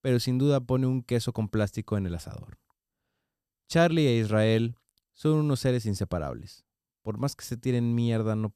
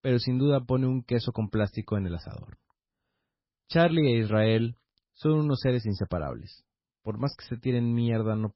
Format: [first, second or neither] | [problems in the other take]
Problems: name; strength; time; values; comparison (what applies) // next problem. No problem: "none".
first | garbled, watery; badly; nothing above 5.5 kHz